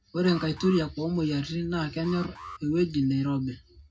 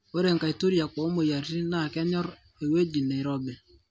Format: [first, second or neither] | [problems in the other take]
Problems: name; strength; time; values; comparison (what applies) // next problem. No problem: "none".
second | background sound (Alarm); 20 dB below the speech // room echo; dies away in 0.4 s